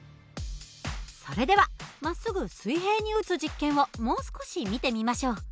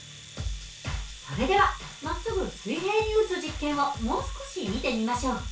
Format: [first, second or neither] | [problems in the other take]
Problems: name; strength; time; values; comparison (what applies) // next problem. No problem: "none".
first | background sound (Domestic sounds, home sounds); 17 dB below the speech // room echo; dies away in 0.2 s